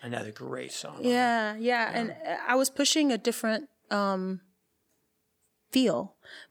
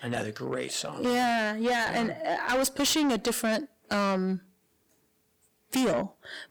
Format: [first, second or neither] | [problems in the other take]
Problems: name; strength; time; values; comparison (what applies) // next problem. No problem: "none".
first | distortion; heavy; 7 dB below the speech